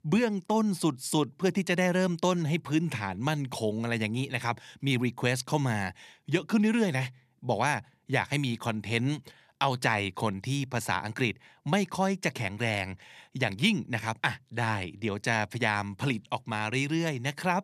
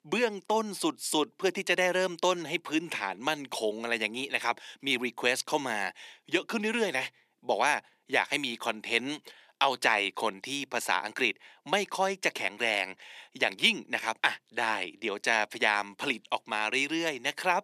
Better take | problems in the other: first | thin; somewhat; fading below 350 Hz

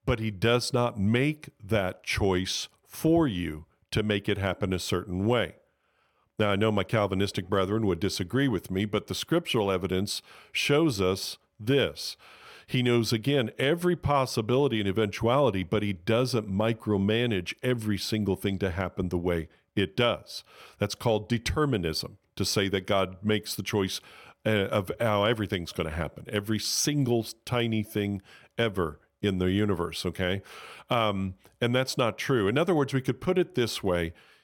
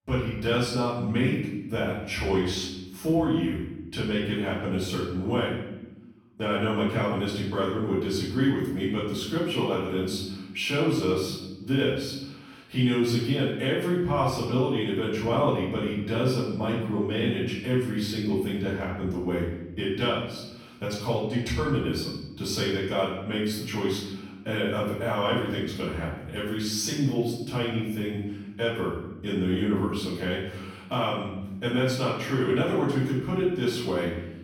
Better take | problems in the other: first | off-mic speech; far // room echo; noticeable; dies away in 0.9 s

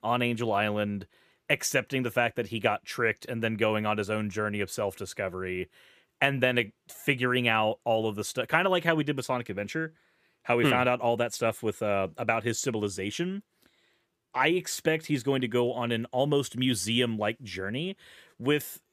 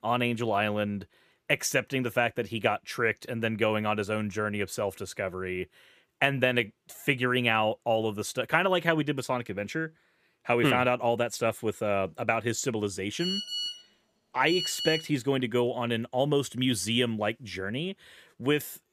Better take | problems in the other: first | phone ringing; noticeable; from 13 to 15 s; peak 2 dB below the speech

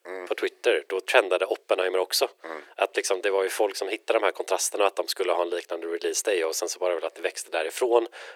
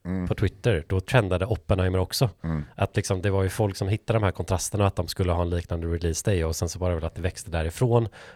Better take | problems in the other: second | thin; very; fading below 350 Hz

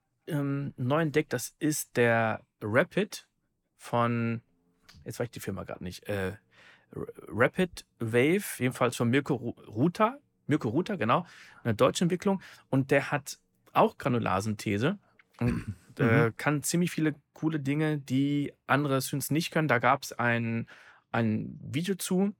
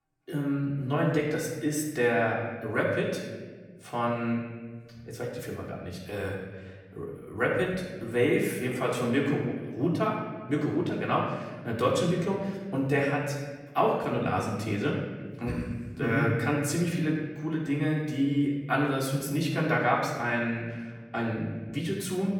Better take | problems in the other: first | off-mic speech; far // room echo; noticeable; dies away in 1.3 s

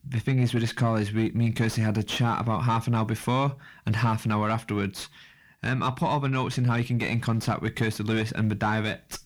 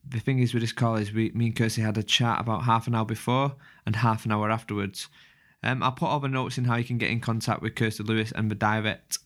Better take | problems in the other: second | distortion; slight; 10 dB below the speech

